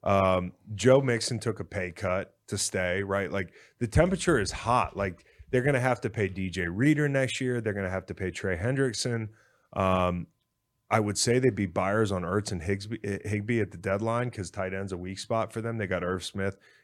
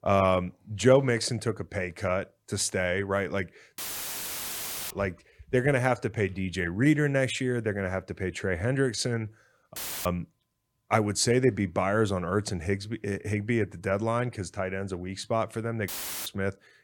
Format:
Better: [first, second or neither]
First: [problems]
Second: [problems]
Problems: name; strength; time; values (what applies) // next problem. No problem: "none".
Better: first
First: none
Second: audio cutting out; filled with static; at 4 s for 1 s, at 10 s and at 16 s